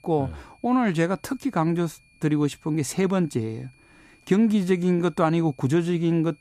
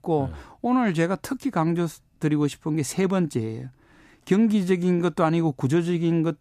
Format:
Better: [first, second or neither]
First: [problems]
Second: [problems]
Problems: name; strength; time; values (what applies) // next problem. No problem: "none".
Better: second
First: high-pitched whine; faint; throughout; 2.5 kHz, 35 dB below the speech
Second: none